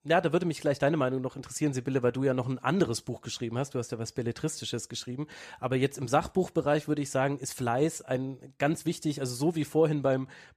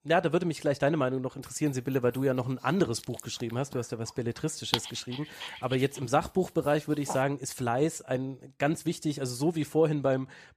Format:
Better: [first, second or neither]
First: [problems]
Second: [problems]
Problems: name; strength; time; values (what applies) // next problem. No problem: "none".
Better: first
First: none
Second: dog barking; noticeable; from 3 to 7 s; peak 1 dB below the speech